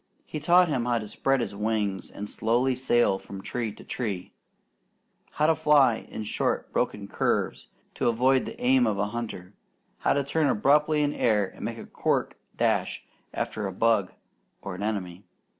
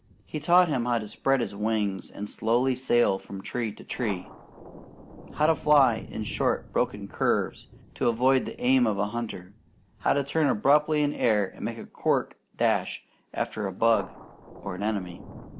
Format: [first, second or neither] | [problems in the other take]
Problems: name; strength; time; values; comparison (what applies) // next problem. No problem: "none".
first | background sound (Thunder); 20 dB below the speech